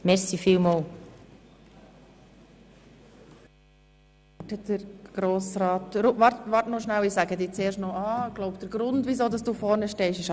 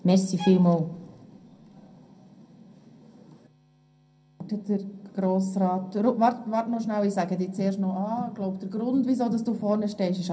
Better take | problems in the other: first | background sound (Bowed string instrument); 18 dB below the speech // room echo; dies away in 0.2 s

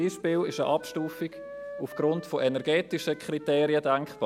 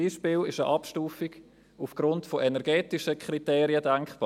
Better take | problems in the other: second | background sound (Wind instrument, woodwind instrument); 16 dB below the speech

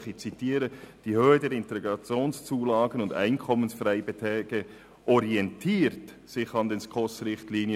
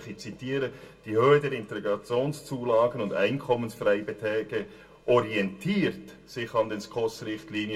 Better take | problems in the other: first | room echo; dies away in 0.2 s

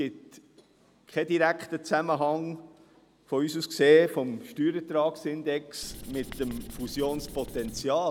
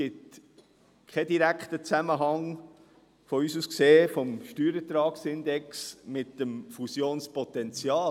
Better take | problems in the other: second | background sound (Writing); 13 dB below the speech

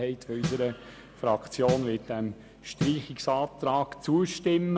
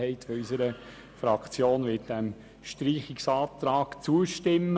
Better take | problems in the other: second | background sound (Snare drum); 8 dB below the speech

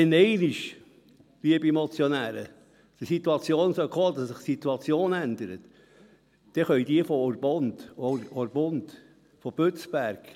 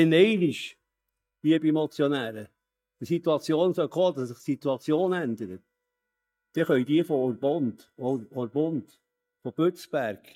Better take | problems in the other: first | noise reduction (neural mask model DeepFilterNet 3)

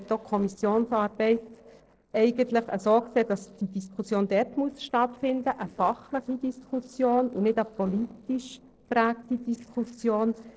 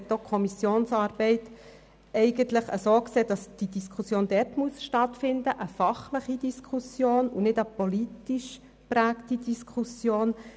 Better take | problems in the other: second | noise reduction (neural separator model SepFormer DNS4)

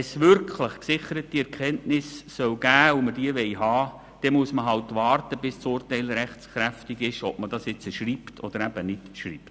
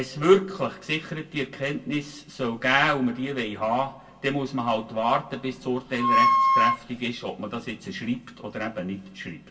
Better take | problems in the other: first | background sound (Wind instrument, woodwind instrument); 5 dB above the speech // room echo; dies away in 0.2 s

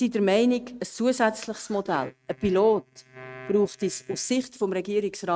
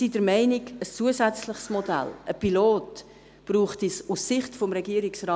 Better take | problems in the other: second | noise reduction (neural mask model RNNoise)

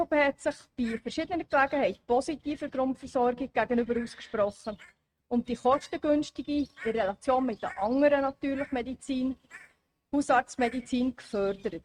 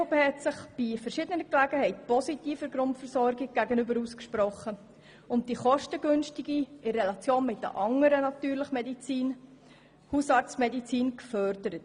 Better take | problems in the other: second | noise reduction (neural mask model RNNoise)

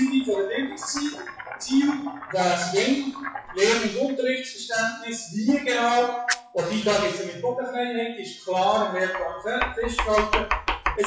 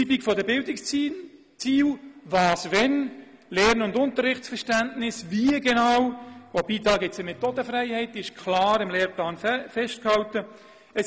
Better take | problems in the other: second | noise reduction (classical method WPE with log-MMSE)

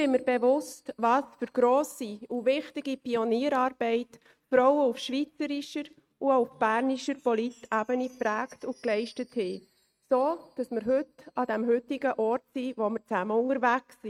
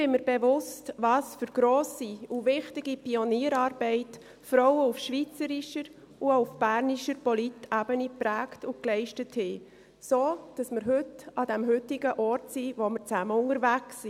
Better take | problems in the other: second | noise reduction (neural mask model RNNoise)

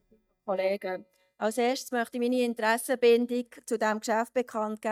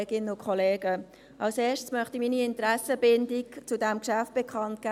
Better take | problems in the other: second | noise reduction (neural mask model DeepFilterNet 3)

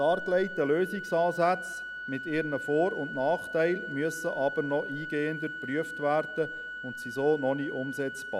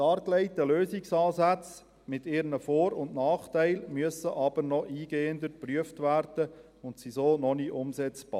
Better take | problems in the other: second | background sound (Organ); 9 dB below the speech

